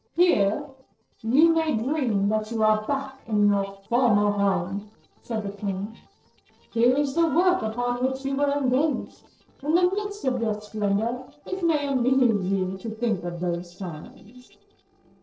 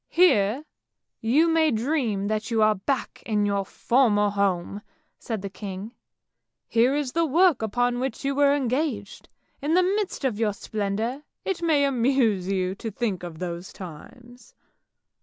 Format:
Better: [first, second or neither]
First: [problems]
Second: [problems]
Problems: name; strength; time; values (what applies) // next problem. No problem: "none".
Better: second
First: noise reduction (neural separator model SepFormer DNS4)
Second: none